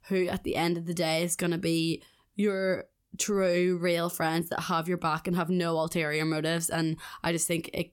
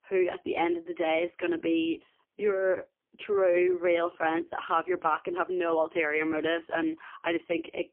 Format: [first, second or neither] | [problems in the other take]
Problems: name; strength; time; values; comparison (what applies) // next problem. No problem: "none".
first | phone-call audio; poor line; nothing above 3.5 kHz